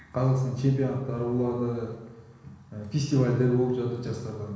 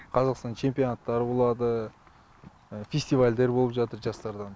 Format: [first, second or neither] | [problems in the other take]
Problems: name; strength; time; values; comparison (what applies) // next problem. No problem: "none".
second | room echo; dies away in 1.1 s